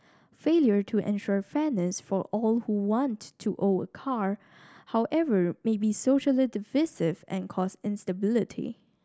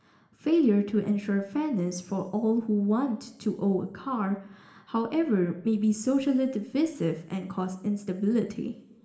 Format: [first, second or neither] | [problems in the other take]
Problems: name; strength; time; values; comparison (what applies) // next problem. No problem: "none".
first | room echo; dies away in 0.8 s